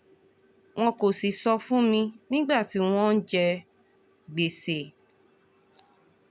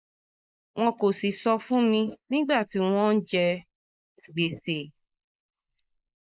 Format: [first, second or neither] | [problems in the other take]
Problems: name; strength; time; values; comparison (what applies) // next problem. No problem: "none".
first | noise reduction (neural mask model Resemble Enhance denoiser)